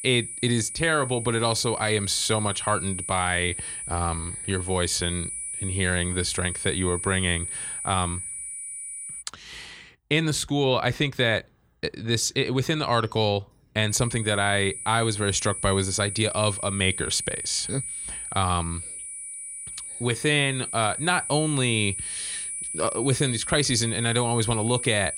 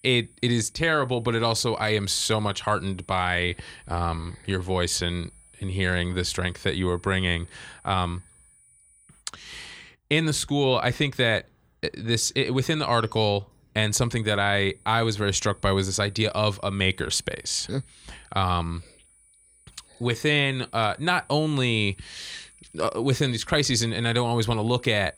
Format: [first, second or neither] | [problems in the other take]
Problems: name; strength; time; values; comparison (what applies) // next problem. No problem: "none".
second | high-pitched whine; loud; until 9 s and from 14 s on; 9.5 kHz, 6 dB below the speech; faint in the second